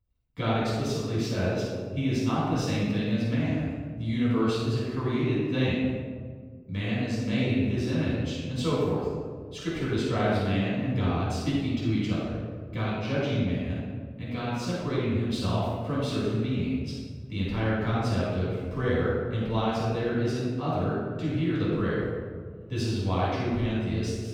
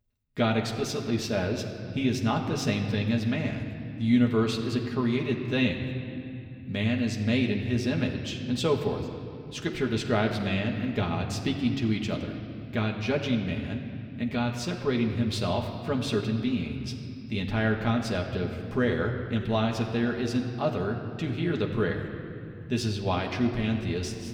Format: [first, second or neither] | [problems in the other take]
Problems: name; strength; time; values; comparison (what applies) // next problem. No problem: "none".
second | room echo; strong; dies away in 1.6 s; slight in the second // off-mic speech; far; somewhat distant in the second